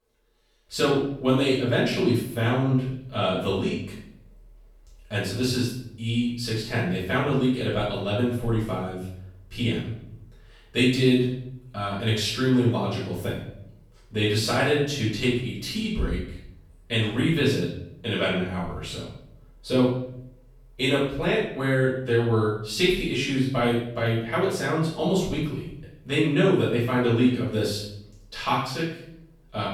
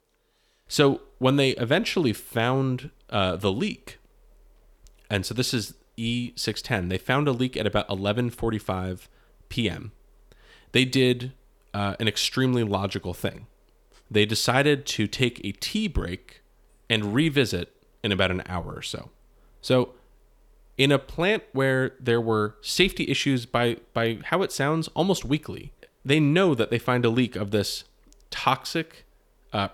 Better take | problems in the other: second | room echo; noticeable; dies away in 0.6 s // off-mic speech; far

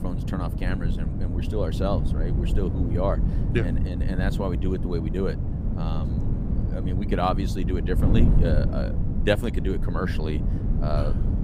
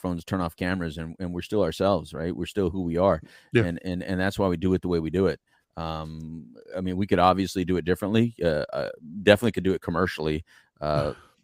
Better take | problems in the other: second | wind noise on the microphone; heavy; 6 dB below the speech

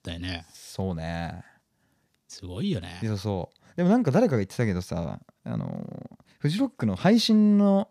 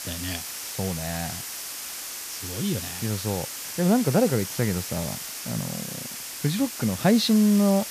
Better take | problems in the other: first | hiss; loud; throughout; 7 dB below the speech

